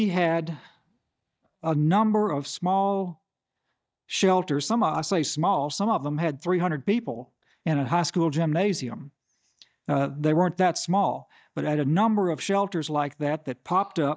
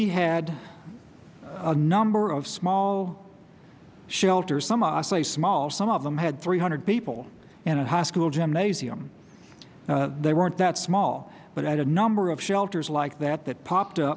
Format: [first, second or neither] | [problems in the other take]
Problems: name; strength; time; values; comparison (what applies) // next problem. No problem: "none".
second | noise reduction (neural mask model DeepFilterNet 3)